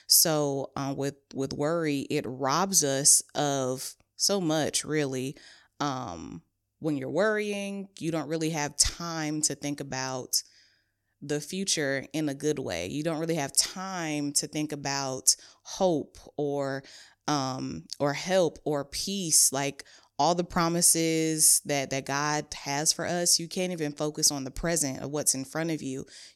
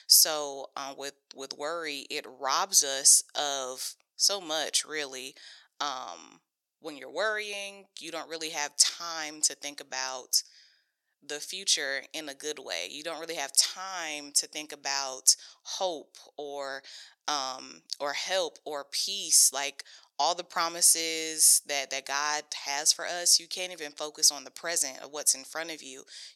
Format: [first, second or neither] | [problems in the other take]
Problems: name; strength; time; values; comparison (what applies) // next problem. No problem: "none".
first | thin; very; fading below 700 Hz